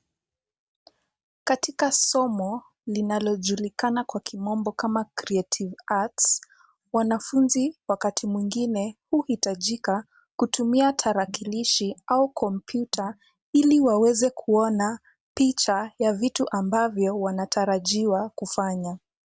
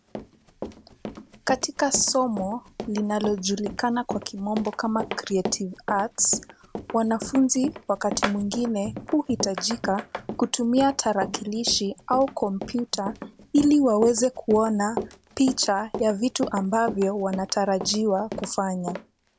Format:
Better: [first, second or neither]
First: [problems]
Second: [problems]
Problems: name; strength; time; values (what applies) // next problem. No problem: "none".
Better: first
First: none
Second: background sound (Run); 11 dB below the speech